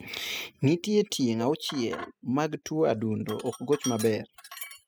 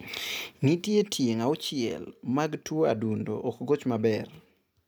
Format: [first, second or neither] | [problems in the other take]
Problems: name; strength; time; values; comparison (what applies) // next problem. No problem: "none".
second | noise reduction (classical method spectral subtraction)